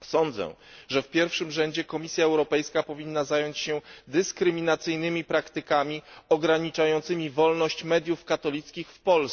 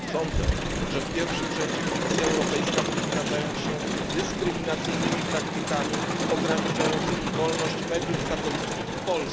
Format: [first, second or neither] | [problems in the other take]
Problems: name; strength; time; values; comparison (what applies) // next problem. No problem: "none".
first | background sound (Crowd); 4 dB above the speech